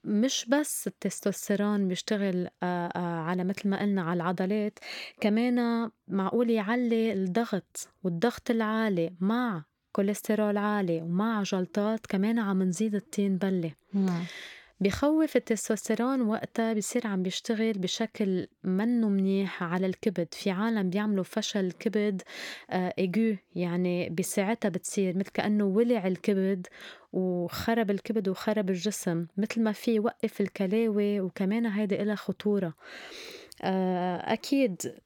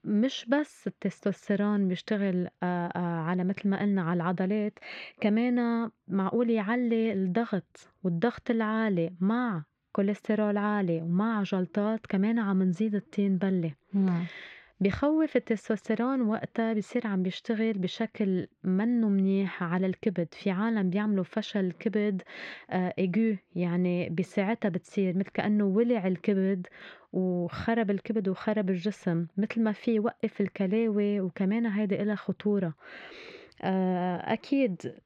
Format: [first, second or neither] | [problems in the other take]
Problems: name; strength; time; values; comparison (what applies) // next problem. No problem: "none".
first | muffled; slightly; fading above 2.5 kHz